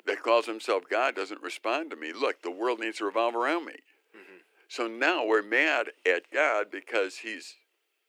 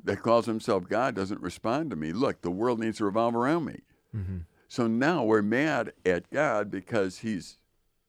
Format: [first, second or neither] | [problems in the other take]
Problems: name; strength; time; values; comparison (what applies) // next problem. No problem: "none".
second | thin; very; fading below 350 Hz